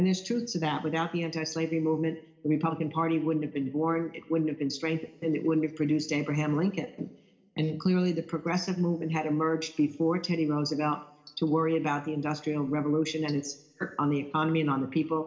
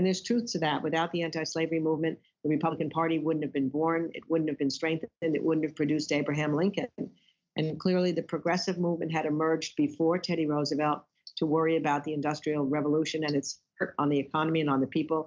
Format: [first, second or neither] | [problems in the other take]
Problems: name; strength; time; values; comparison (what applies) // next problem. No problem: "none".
second | room echo; dies away in 0.9 s